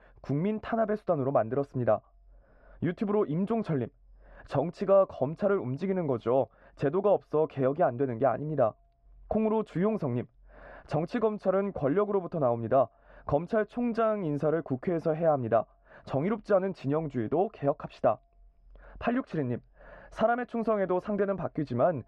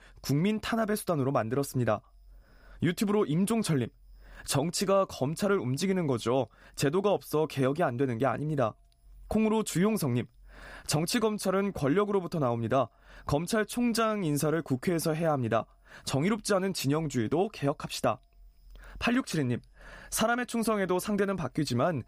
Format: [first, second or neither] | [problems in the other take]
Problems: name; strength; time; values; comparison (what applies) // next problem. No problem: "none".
second | muffled; very; fading above 2 kHz